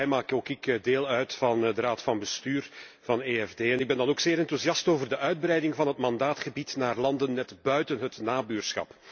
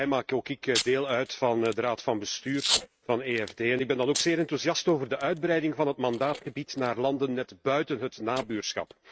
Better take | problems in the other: first | noise reduction (neural mask model RNNoise)

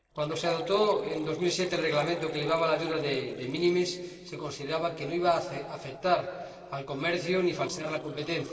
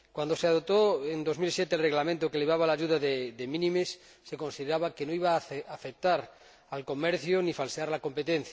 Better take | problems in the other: second | noise reduction (neural separator model SepFormer DNS4)

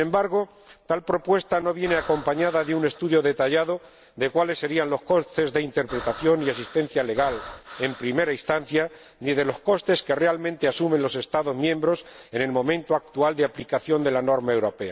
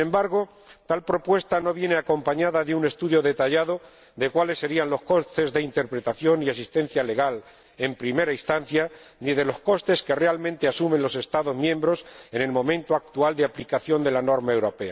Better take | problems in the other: second | background sound (Breathing); 15 dB below the speech

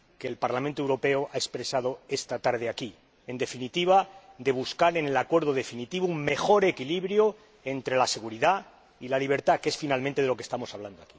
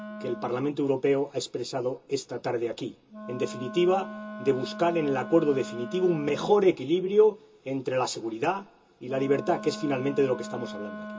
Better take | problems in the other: first | background sound (Wind instrument, woodwind instrument); 14 dB below the speech // room echo; dies away in 0.2 s

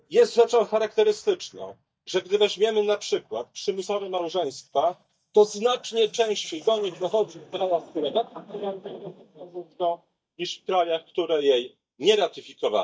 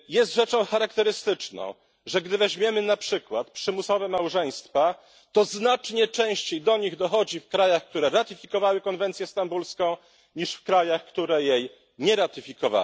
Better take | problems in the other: second | noise reduction (neural mask model DeepFilterNet 3)

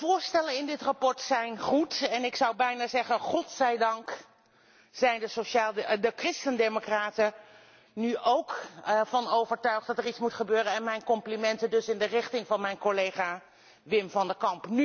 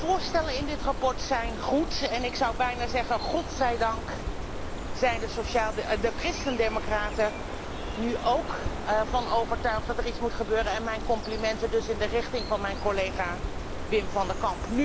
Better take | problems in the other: first | background sound (Bird); 4 dB below the speech

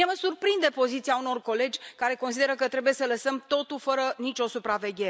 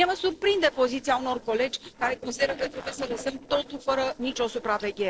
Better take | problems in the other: first | noise reduction (neural separator model SepFormer DNS4)

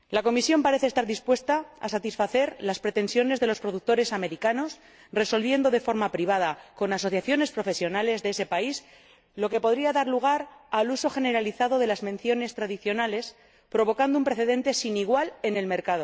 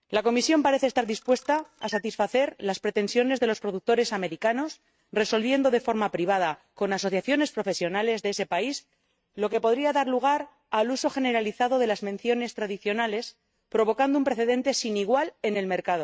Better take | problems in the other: first | noise reduction (neural mask model RNNoise)

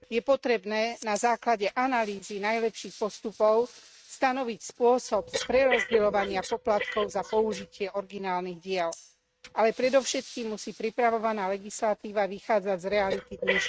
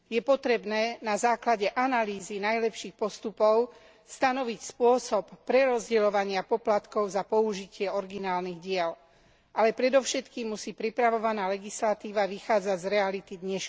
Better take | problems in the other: second | noise reduction (neural mask model RNNoise)

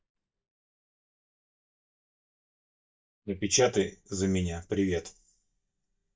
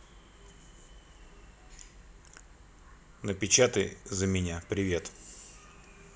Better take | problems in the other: second | noise reduction (neural mask model DeepFilterNet 3)

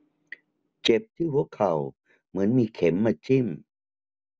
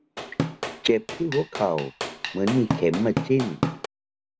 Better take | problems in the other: first | background sound (Drum / Drum kit); 5 dB below the speech

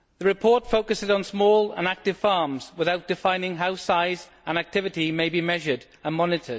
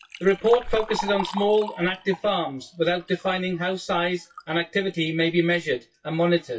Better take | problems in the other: first | noise reduction (classical method WPE with log-MMSE)

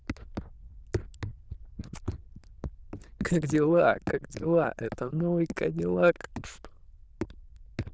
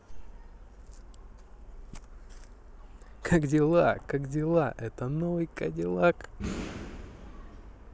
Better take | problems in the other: second | noise reduction (neural diffusion model UNIVERSE++)

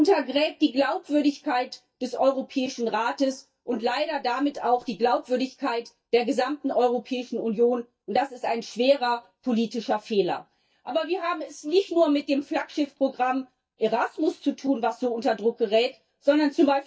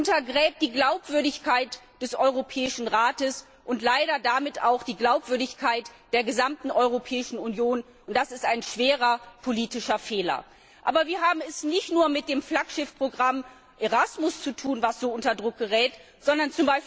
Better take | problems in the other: second | noise reduction (neural mask model DeepFilterNet 3)

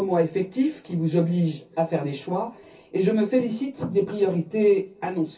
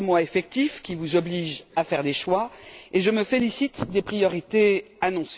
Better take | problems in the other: second | room echo; dies away in 0.3 s

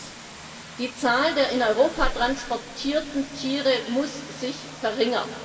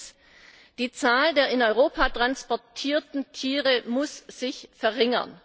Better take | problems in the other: second | background sound (Vehicle); 16 dB below the speech // room echo; dies away in 2.4 s

